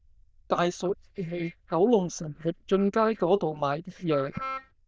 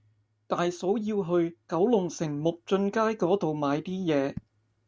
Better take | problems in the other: second | noise reduction (neural diffusion model UNIVERSE++)

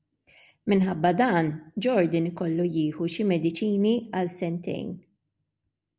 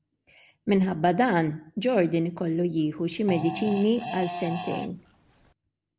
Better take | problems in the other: first | background sound (Fart); 10 dB below the speech

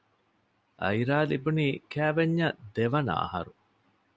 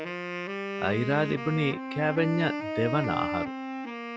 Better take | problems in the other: first | background sound (Wind instrument, woodwind instrument); 4 dB below the speech

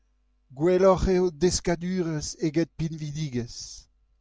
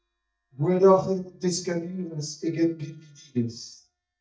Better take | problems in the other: first | noise reduction (neural mask model DeepFilterNet 3)

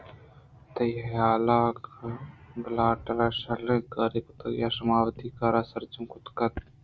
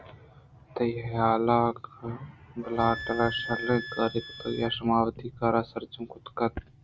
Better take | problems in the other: first | background sound (Wind instrument, woodwind instrument); 12 dB below the speech

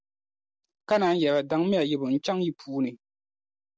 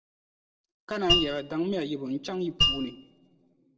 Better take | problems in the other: first | background sound (Mallet percussion); 3 dB above the speech // room echo; dies away in 1.2 s

